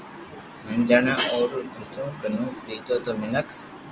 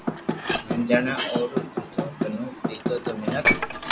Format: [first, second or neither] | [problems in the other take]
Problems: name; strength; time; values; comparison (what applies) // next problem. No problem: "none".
first | background sound (Knock / Wood + Dishes, pots, and pans); 1 dB above the speech